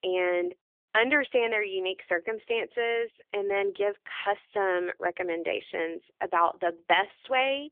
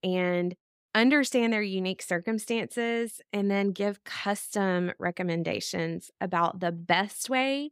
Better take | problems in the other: second | phone-call audio; nothing above 3 kHz

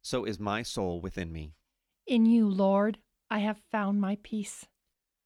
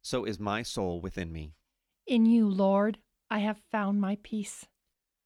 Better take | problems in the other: neither | none

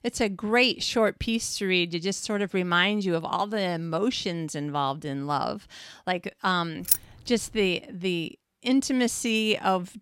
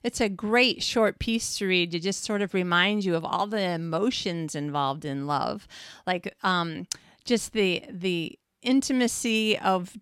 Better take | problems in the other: second | jangling keys; loud; at 7 s; peak 2 dB above the speech

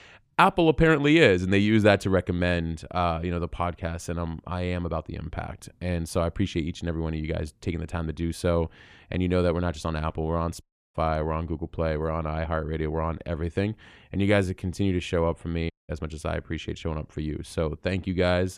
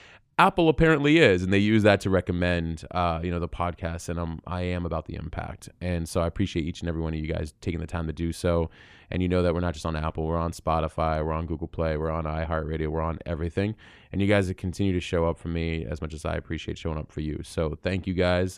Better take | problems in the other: second | audio cutting out; at 11 s and at 16 s

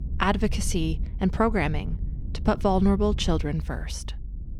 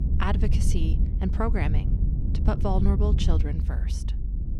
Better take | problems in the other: first | low rumble; loud; throughout; 8 dB below the speech; faint in the first

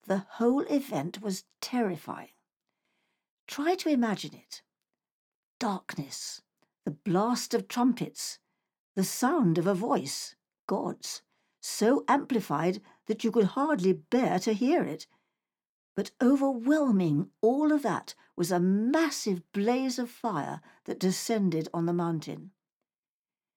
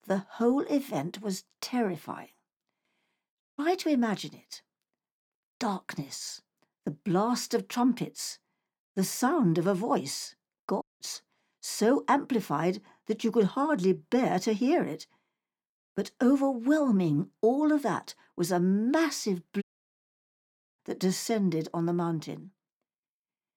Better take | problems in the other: first | audio cutting out; at 3.5 s, at 11 s and at 20 s for 1 s

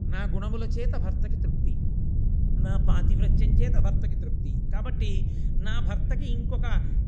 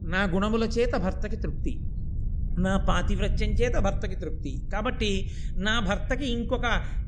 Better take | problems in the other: second | low rumble; loud; throughout; 2 dB below the speech; faint in the second

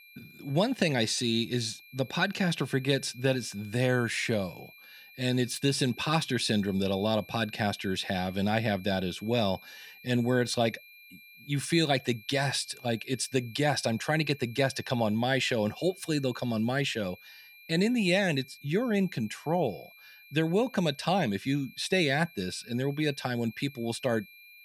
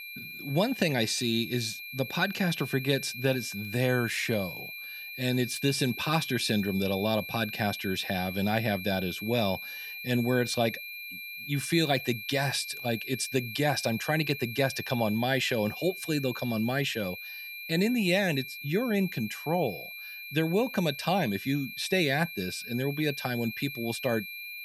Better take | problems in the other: first | high-pitched whine; loud; throughout; 2.5 kHz, 9 dB below the speech; faint in the first

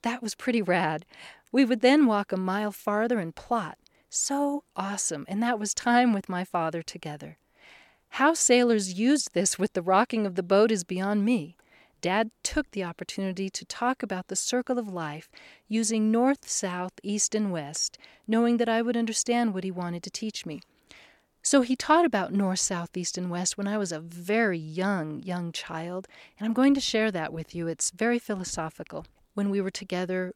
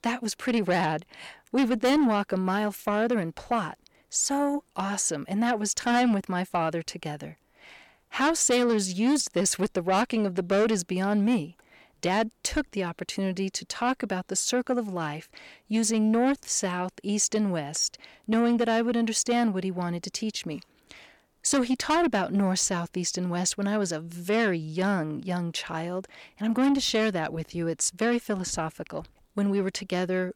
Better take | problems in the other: first | distortion; slight; 10 dB below the speech

